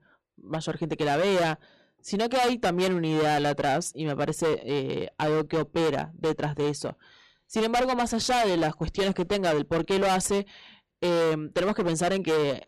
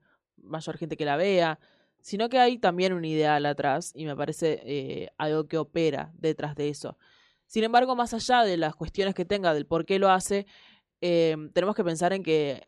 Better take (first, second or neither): second